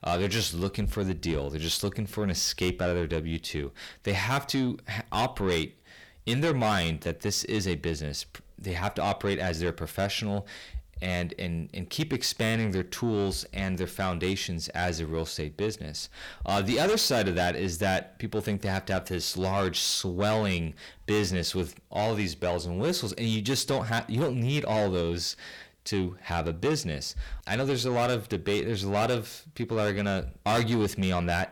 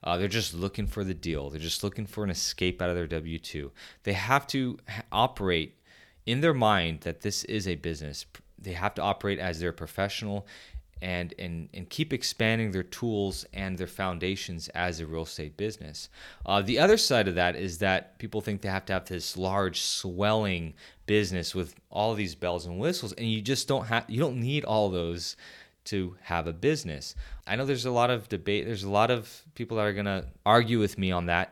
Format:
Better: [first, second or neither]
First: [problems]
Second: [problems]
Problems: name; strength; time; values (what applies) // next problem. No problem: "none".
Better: second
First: distortion; heavy; 7 dB below the speech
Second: none